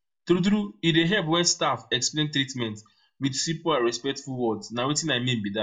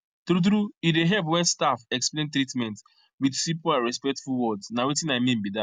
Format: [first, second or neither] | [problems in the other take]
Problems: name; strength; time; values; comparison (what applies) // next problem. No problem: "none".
second | room echo; dies away in 0.2 s